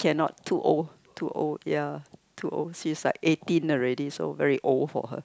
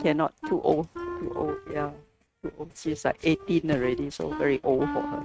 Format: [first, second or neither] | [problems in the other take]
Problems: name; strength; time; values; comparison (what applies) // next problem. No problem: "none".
first | noise reduction (neural mask model RNNoise)